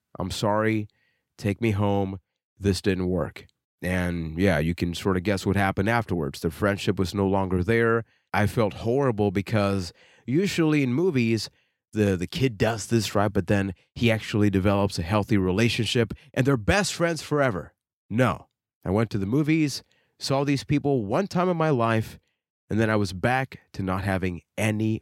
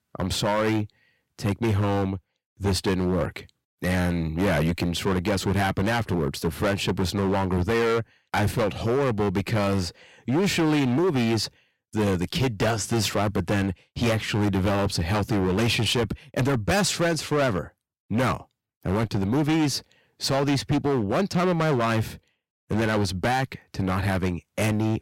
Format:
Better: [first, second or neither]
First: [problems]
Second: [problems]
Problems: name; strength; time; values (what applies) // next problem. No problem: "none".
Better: first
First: none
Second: distortion; heavy; 16% of the sound clipped